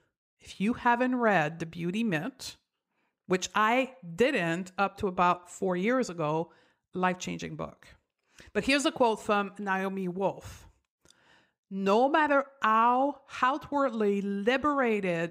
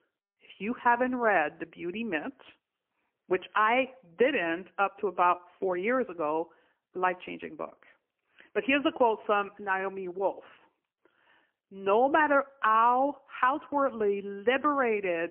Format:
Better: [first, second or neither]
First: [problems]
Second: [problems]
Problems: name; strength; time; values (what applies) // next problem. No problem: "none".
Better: first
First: none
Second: phone-call audio; poor line; nothing above 3 kHz